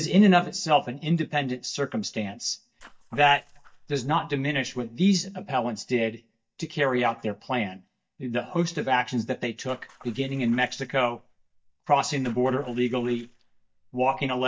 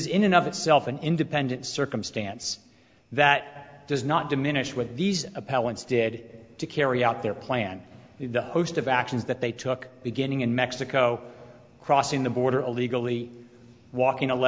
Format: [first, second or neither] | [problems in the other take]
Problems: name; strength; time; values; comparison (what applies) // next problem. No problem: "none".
second | noise reduction (neural mask model DeepFilterNet 3)